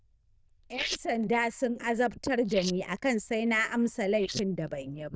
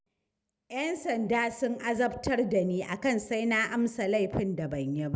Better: second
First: noise reduction (neural diffusion model UNIVERSE++)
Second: none

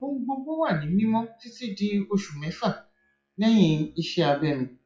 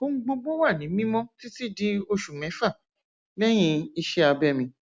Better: second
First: noise reduction (classical method WPE with log-MMSE)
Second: none

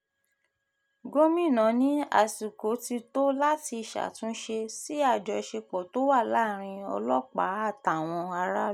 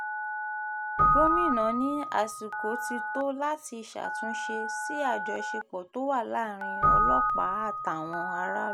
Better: first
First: none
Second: background sound (Keyboard (musical) + Telephone); 3 dB above the speech

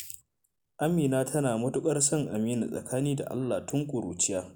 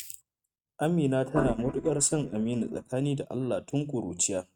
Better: first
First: none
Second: noise reduction (neural mask model RNNoise)

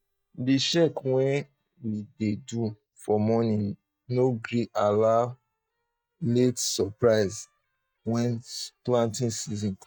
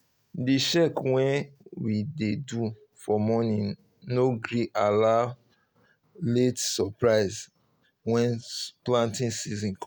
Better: second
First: noise reduction (neural mask model DeepFilterNet 3)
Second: none

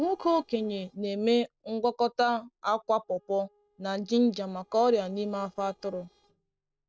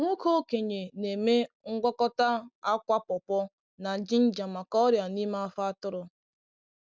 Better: second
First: noise reduction (neural separator model SepFormer DNS4)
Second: none

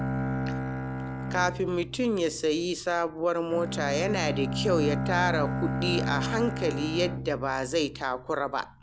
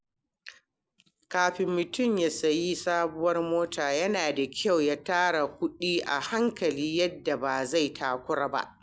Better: second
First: background sound (Bowed string instrument); 4 dB below the speech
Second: none

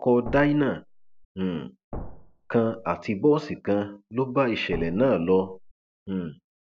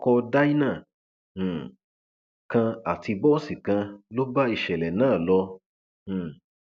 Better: second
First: background sound (Thump, thud); 13 dB below the speech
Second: none

